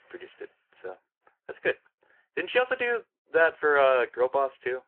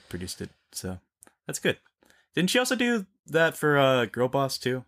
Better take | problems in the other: second | phone-call audio

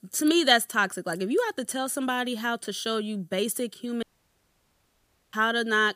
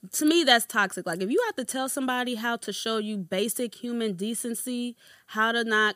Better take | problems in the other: second | audio cutting out; at 4 s for 1.5 s

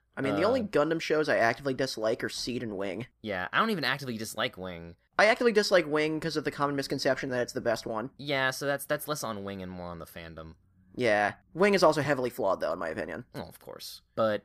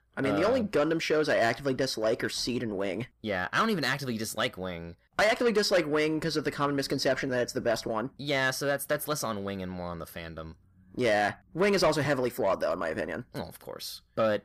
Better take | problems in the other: first | distortion; slight; 10 dB below the speech

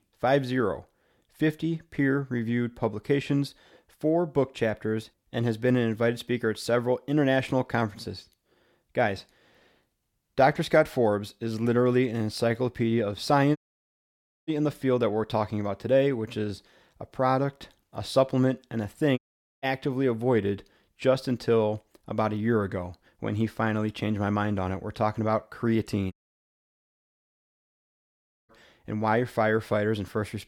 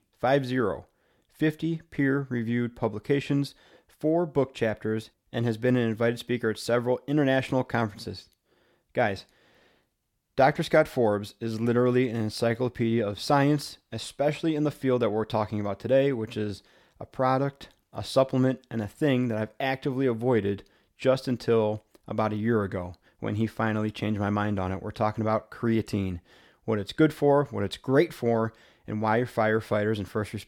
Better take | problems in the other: second | audio cutting out; at 14 s for 1 s, at 19 s and at 26 s for 2.5 s

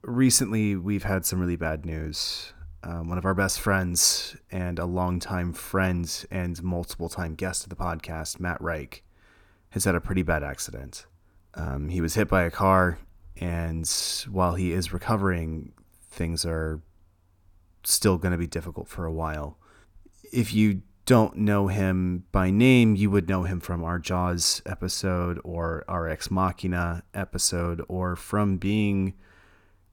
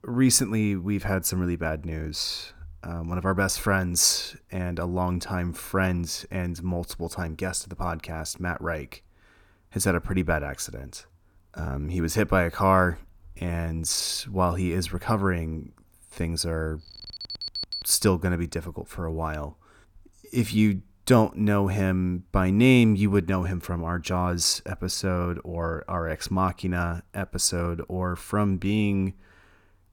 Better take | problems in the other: first | alarm; noticeable; from 17 to 18 s; peak 5 dB below the speech

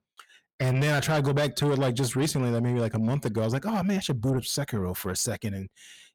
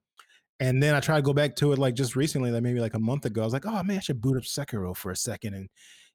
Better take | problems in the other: second | distortion; slight; 10 dB below the speech

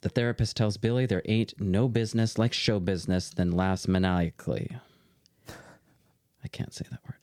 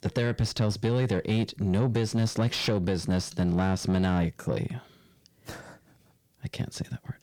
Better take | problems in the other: first | distortion; slight; 10 dB below the speech

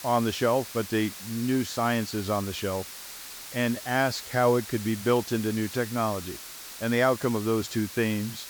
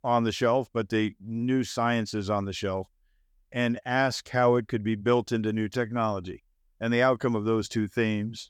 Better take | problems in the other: second | hiss; noticeable; throughout; 10 dB below the speech

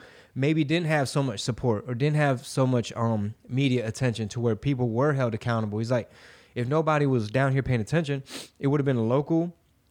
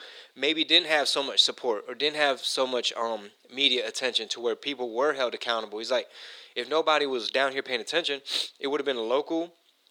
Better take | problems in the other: first | thin; very; fading below 350 Hz

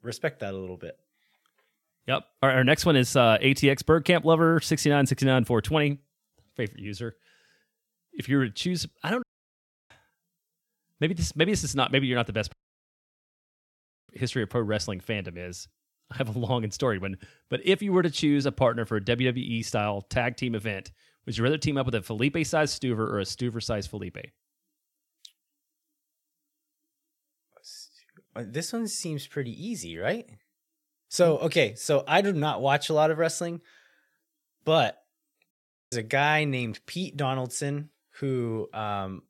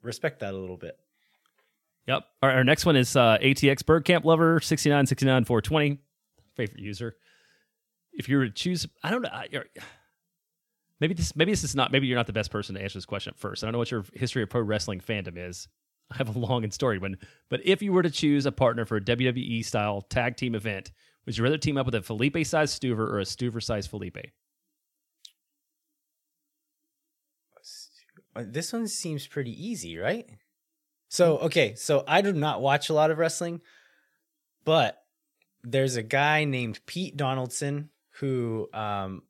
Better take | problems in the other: second | audio cutting out; at 9 s for 0.5 s, at 13 s for 1.5 s and at 36 s

